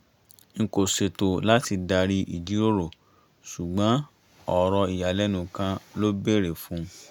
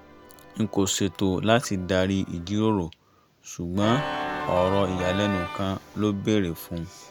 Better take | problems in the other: first | background sound (Organ); 10 dB below the speech

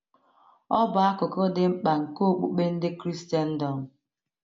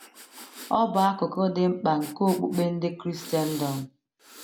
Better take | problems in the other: first | background sound (Breathing); 18 dB below the speech

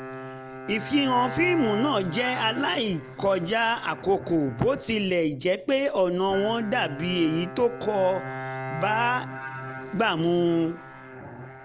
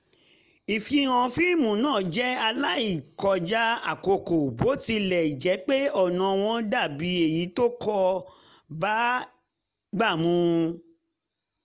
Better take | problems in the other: second | background sound (Bowed string instrument); 11 dB below the speech

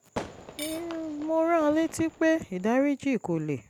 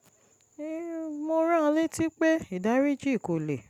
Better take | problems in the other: second | background sound (Cutlery, silverware / Dishes, pots, and pans + Fireworks); 15 dB below the speech

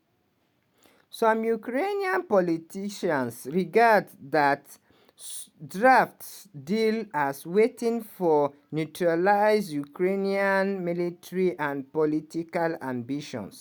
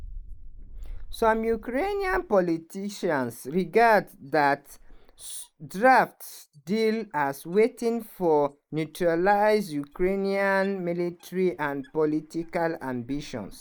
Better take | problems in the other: first | noise reduction (neural mask model Resemble Enhance denoiser)

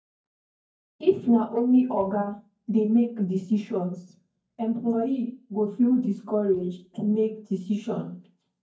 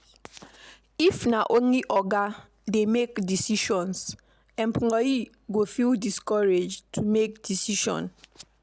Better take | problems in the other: second | noise reduction (neural mask model DeepFilterNet 3)

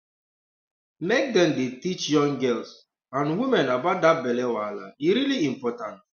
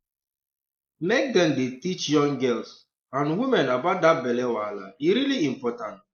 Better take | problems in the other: first | noise reduction (neural mask model Resemble Enhance denoiser)

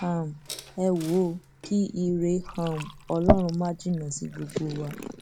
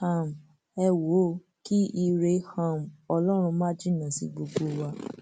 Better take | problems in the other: second | background sound (Fill (with liquid) / Glass); 5 dB below the speech

